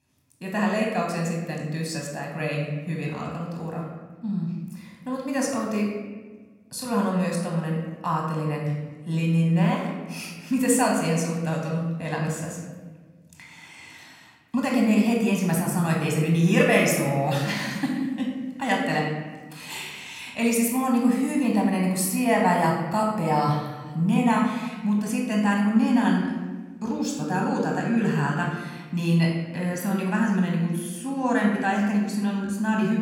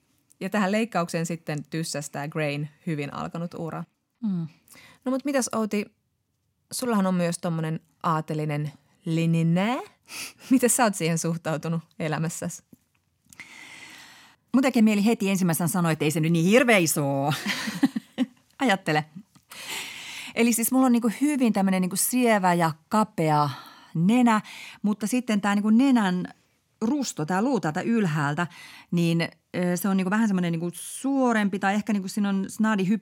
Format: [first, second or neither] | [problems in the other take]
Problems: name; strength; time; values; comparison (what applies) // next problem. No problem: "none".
second | off-mic speech; somewhat distant // room echo; noticeable; dies away in 1.1 s